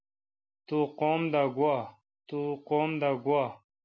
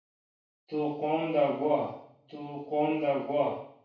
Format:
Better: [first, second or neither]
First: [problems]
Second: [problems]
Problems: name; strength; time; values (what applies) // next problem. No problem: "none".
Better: first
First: none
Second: room echo; dies away in 0.6 s